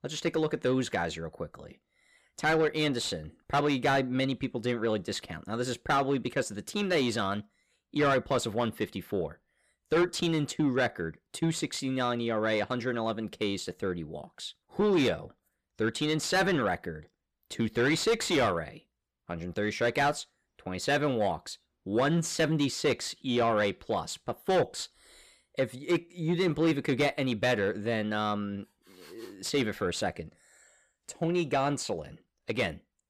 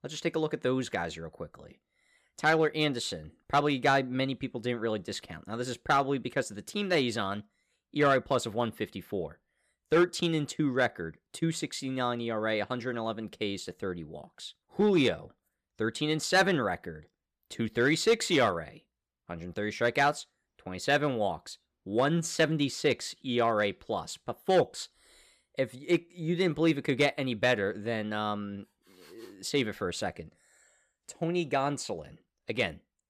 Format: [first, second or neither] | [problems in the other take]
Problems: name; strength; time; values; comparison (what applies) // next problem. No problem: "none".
second | distortion; slight; 10 dB below the speech